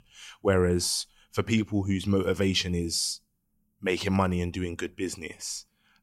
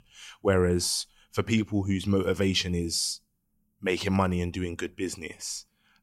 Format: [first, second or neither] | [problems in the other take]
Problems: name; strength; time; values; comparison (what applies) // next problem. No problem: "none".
neither | none